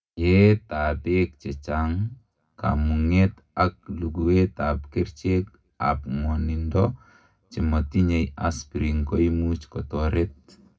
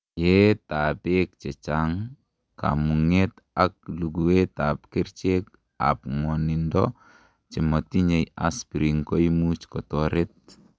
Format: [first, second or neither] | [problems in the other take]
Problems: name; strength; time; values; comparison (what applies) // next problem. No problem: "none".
second | room echo; dies away in 0.2 s